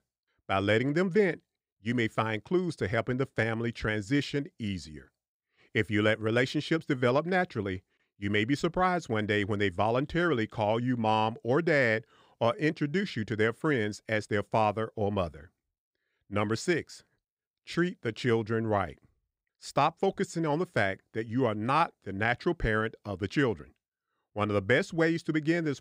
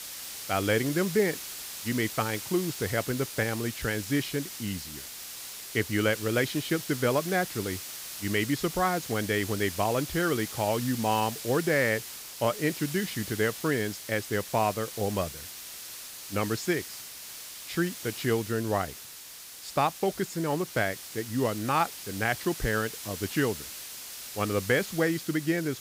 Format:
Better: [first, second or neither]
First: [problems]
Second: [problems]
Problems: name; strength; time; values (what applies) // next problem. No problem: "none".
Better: first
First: none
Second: hiss; loud; throughout; 9 dB below the speech